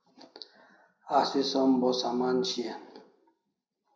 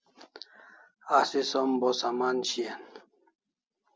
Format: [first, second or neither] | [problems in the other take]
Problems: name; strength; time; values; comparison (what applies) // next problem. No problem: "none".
second | room echo; dies away in 0.5 s